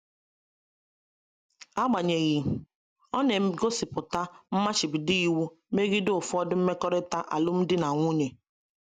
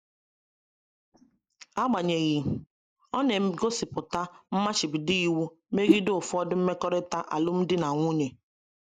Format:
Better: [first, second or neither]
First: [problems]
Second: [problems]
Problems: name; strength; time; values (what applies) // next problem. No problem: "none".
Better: first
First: none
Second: noise reduction (neural mask model Resemble Enhance denoiser)